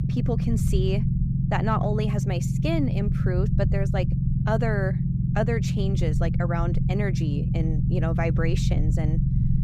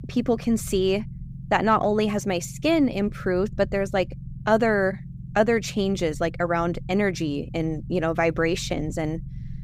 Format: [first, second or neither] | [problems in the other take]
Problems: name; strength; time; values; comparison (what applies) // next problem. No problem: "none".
second | low rumble; loud; throughout; 5 dB below the speech; faint in the second